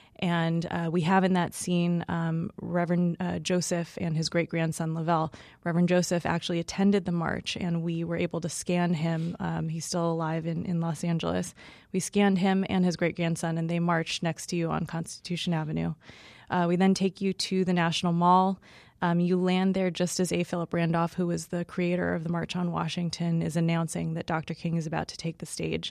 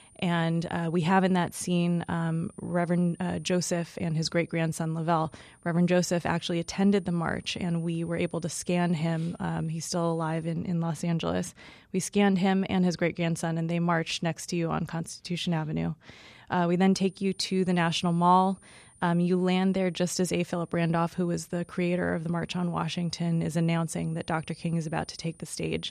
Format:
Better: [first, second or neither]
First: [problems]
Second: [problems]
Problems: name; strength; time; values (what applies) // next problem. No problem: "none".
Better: first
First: none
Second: high-pitched whine; faint; until 11 s and from 17 s on; 9.5 kHz, 30 dB below the speech